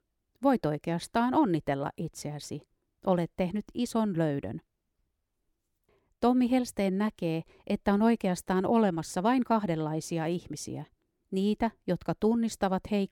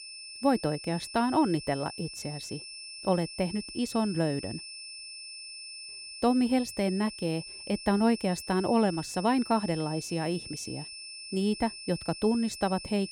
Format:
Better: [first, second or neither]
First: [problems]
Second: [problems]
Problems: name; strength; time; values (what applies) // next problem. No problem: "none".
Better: first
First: none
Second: high-pitched whine; noticeable; throughout; 5.5 kHz, 10 dB below the speech